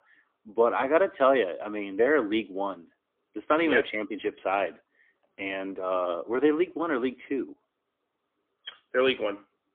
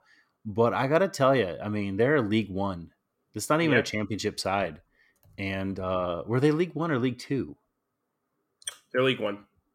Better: second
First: phone-call audio; poor line; nothing above 3.5 kHz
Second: none

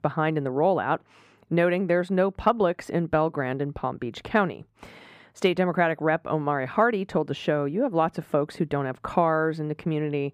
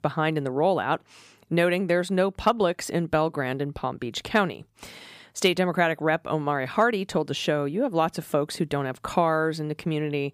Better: second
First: muffled; slightly; fading above 3 kHz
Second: none

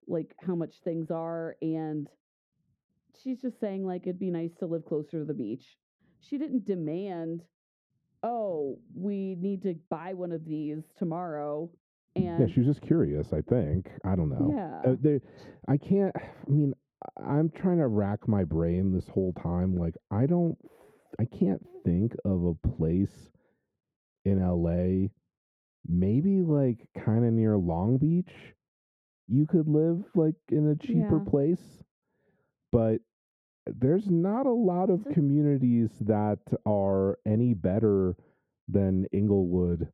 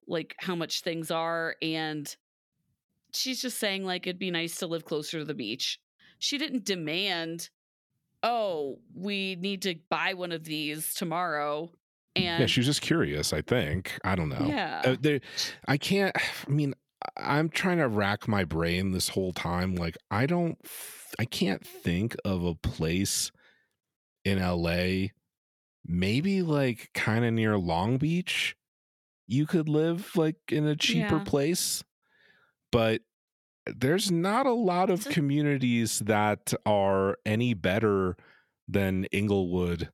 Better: second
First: muffled; very; fading above 1.5 kHz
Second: none

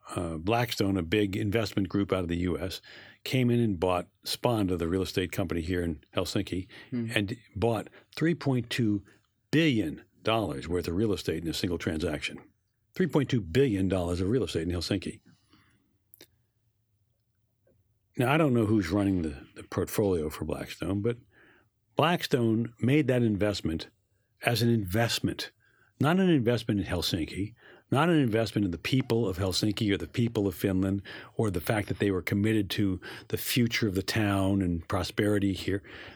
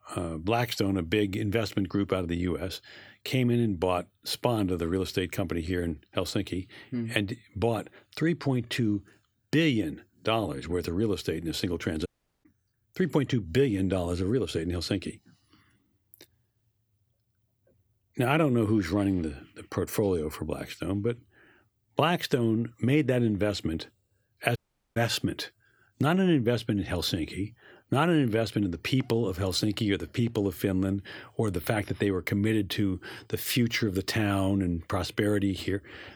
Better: first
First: none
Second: audio cutting out; at 12 s and at 25 s

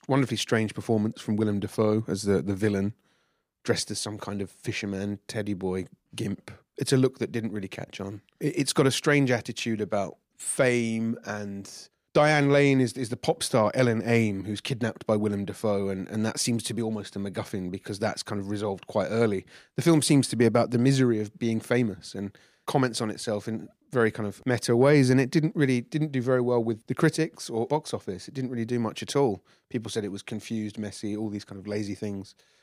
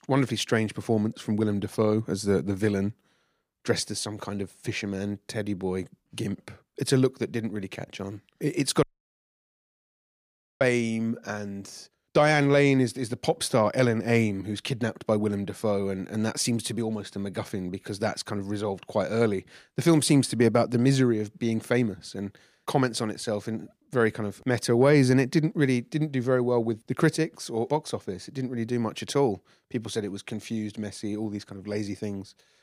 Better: first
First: none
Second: audio cutting out; at 9 s for 2 s

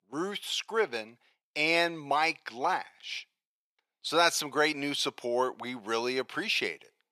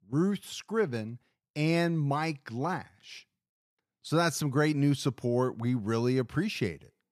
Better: second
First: thin; very; fading below 550 Hz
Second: none

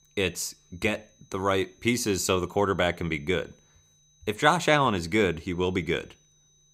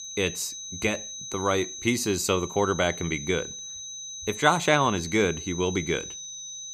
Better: first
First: high-pitched whine; faint; throughout; 6 kHz, 35 dB below the speech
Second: high-pitched whine; loud; throughout; 6 kHz, 9 dB below the speech

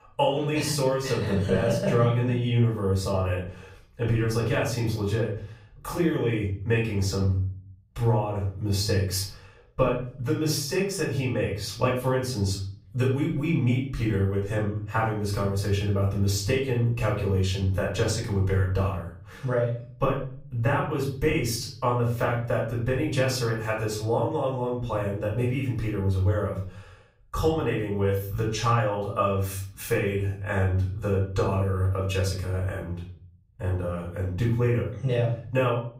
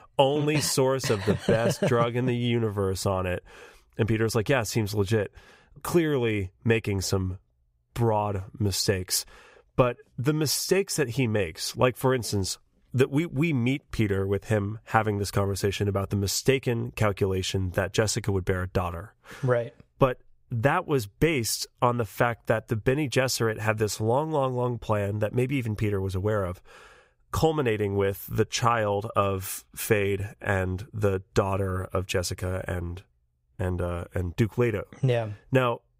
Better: second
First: off-mic speech; far // room echo; noticeable; dies away in 0.5 s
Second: none

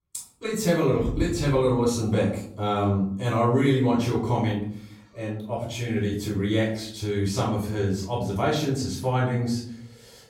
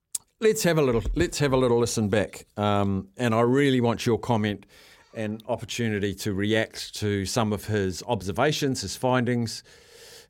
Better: second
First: off-mic speech; far // room echo; noticeable; dies away in 0.6 s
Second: none

